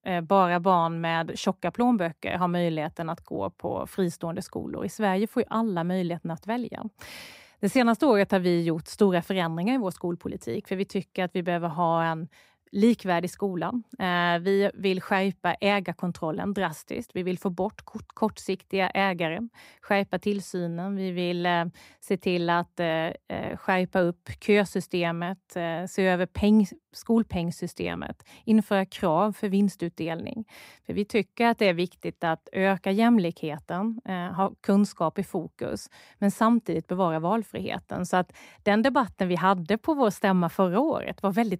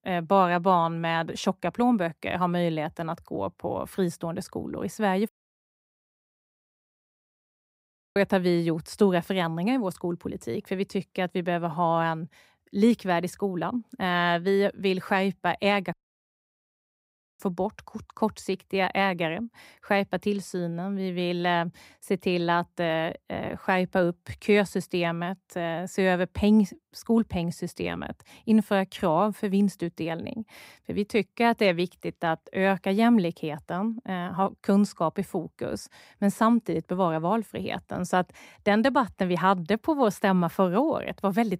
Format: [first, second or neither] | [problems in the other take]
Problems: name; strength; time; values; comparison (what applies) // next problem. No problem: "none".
first | audio cutting out; at 5.5 s for 3 s and at 16 s for 1.5 s